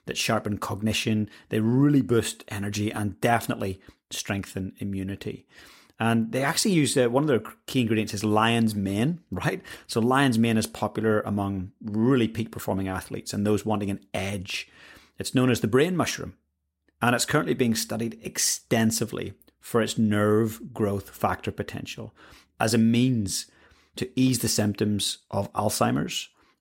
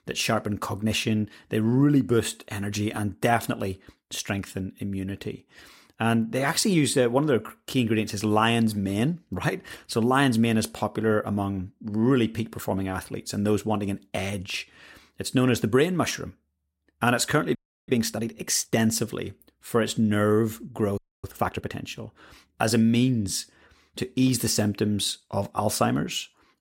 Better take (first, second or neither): first